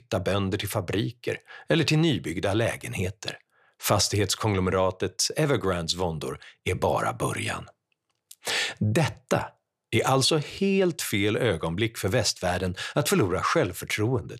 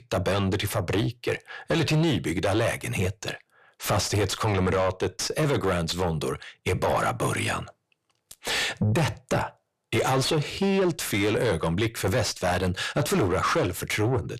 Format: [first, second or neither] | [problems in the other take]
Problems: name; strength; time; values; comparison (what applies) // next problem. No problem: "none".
first | distortion; heavy; 7 dB below the speech